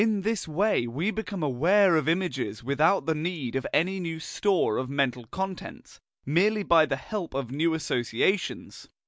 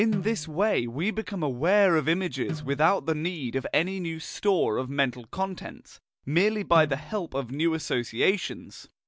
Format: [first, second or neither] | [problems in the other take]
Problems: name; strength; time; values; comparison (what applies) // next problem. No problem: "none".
first | background sound (Snare drum); 15 dB below the speech